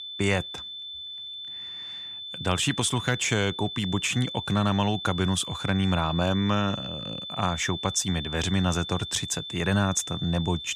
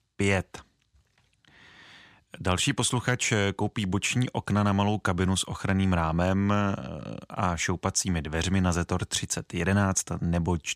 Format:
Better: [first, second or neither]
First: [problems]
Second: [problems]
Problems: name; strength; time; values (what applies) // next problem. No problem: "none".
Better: second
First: high-pitched whine; loud; throughout; 3.5 kHz, 8 dB below the speech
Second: none